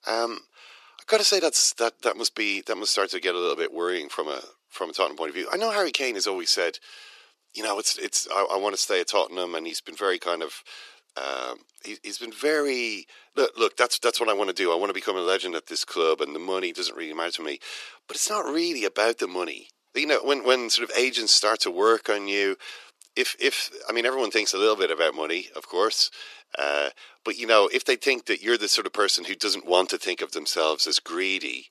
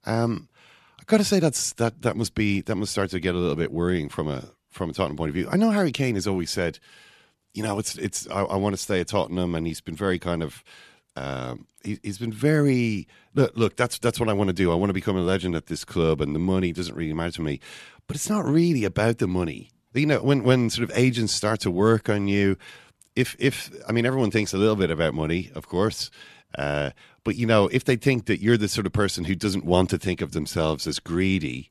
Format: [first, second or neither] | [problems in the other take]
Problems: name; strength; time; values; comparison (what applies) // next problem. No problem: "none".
second | thin; very; fading below 350 Hz